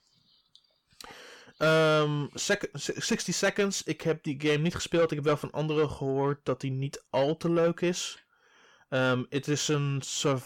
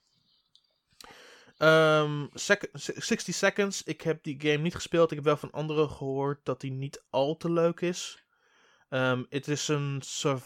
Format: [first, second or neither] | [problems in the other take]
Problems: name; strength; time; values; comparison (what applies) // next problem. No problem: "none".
second | distortion; slight; 10 dB below the speech